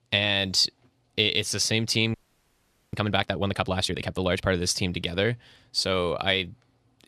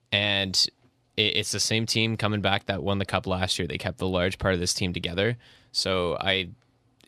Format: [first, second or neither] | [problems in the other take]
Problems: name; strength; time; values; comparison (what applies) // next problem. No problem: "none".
second | audio freezing; at 2 s for 1 s